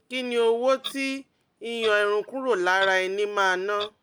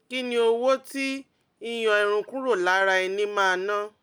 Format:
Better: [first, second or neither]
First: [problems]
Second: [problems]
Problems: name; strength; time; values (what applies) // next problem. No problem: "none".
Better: second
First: background sound (Clock); 18 dB below the speech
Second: none